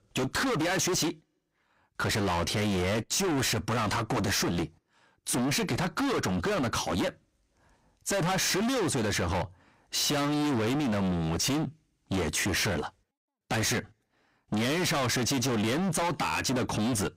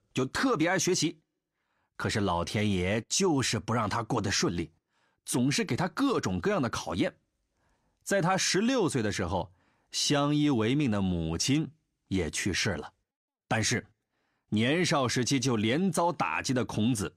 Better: second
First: distortion; heavy; 37% of the sound clipped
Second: none

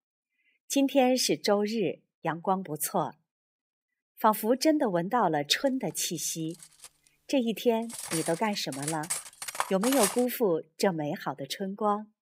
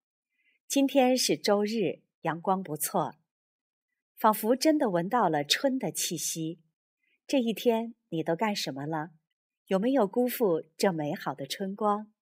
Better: second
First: clattering dishes; noticeable; from 8 to 10 s; peak level with the speech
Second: none

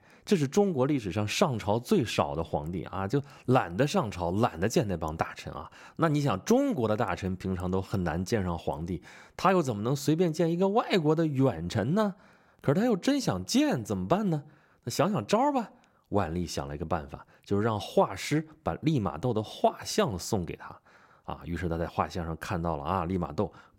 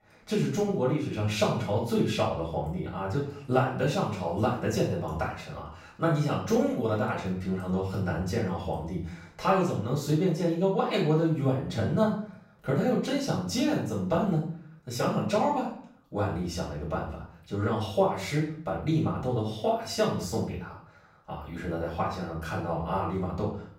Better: first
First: none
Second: room echo; noticeable; dies away in 0.5 s // off-mic speech; far

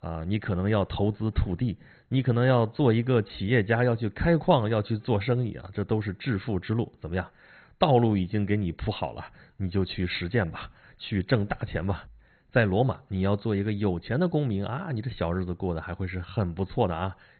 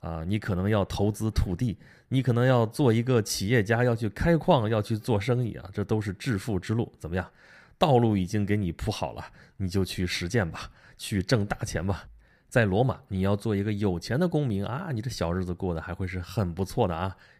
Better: second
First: garbled, watery; badly; nothing above 4 kHz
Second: none

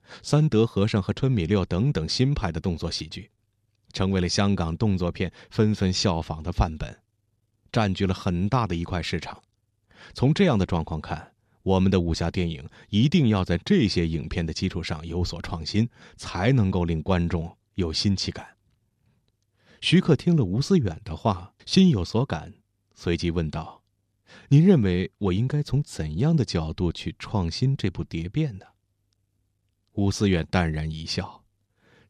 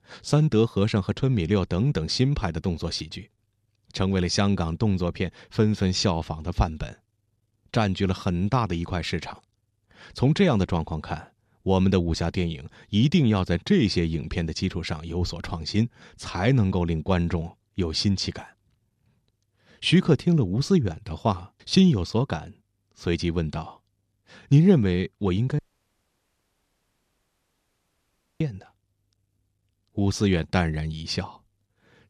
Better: first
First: none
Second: audio cutting out; at 26 s for 3 s

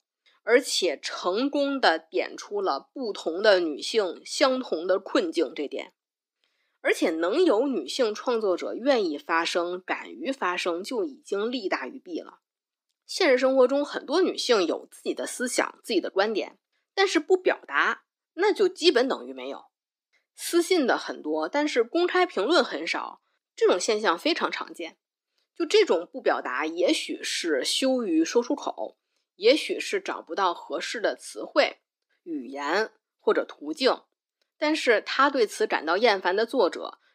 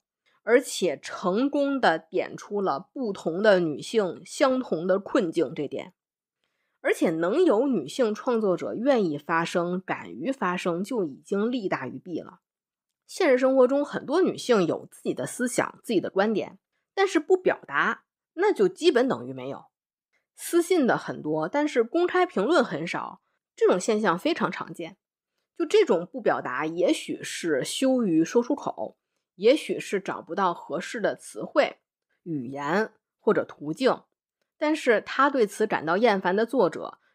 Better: second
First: thin; very slightly; fading below 250 Hz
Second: none

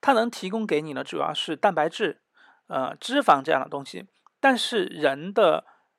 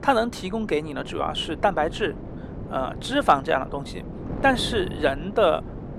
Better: first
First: none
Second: wind noise on the microphone; occasional gusts; 15 dB below the speech

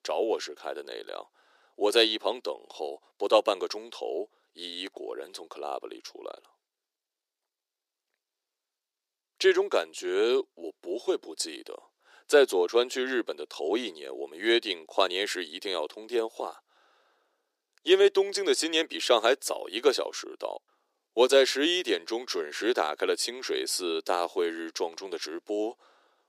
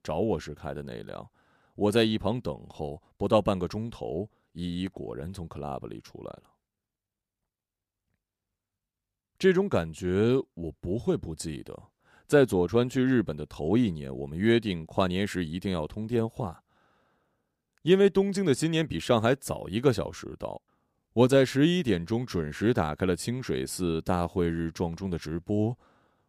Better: second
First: thin; very; fading below 350 Hz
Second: none

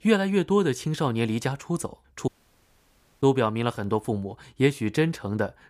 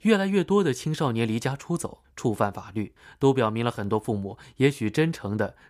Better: second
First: audio cutting out; at 2.5 s for 1 s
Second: none

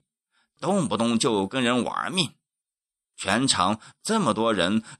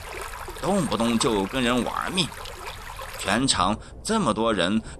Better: first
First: none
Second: rain or running water; noticeable; throughout; 15 dB below the speech

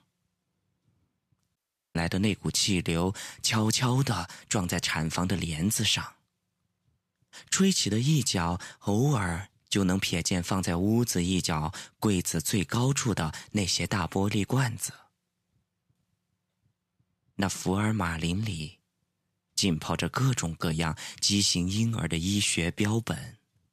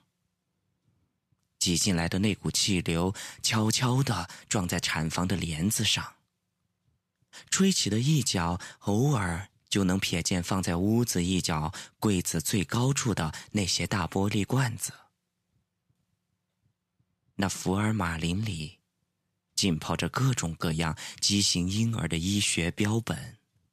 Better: second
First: audio cutting out; at 1.5 s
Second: none

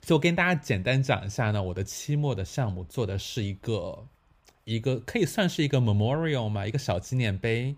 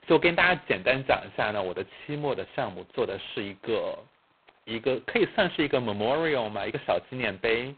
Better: first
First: none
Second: phone-call audio; poor line; nothing above 4 kHz

